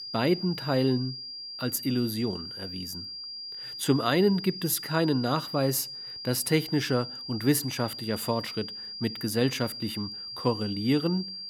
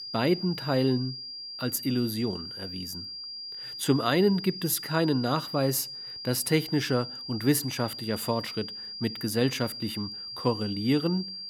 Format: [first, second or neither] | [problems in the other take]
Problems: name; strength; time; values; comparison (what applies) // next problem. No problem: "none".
neither | high-pitched whine; loud; throughout; 5 kHz, 8 dB below the speech; the same in both